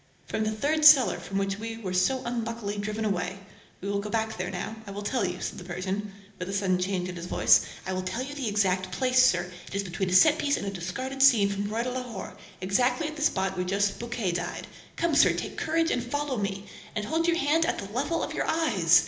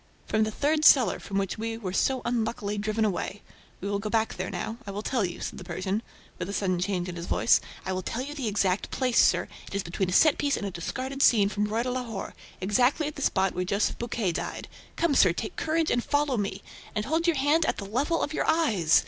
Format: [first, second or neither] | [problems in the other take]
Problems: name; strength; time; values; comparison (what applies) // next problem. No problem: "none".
second | room echo; dies away in 0.8 s